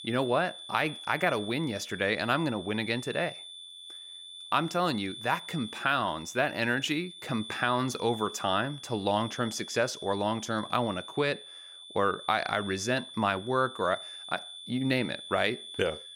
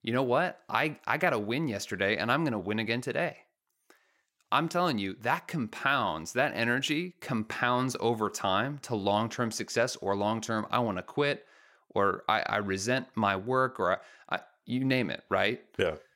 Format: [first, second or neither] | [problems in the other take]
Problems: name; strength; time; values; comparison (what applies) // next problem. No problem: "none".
second | high-pitched whine; noticeable; throughout; 3.5 kHz, 10 dB below the speech